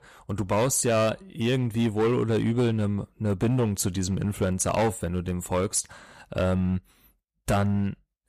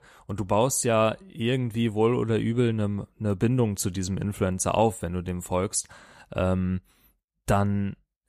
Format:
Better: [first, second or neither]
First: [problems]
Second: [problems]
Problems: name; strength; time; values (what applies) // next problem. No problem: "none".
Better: second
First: distortion; slight; 7% of the sound clipped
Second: none